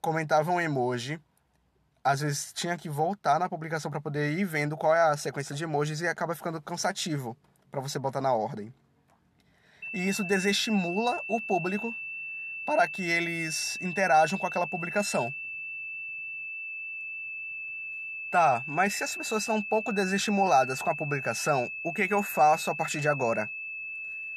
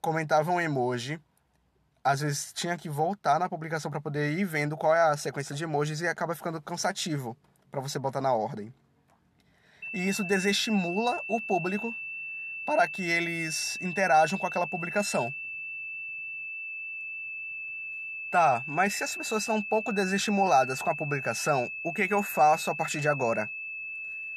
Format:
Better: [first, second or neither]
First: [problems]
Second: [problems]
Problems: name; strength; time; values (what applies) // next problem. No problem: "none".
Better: neither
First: high-pitched whine; loud; from 10 s on; 2.5 kHz, 7 dB below the speech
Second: high-pitched whine; loud; from 10 s on; 2.5 kHz, 7 dB below the speech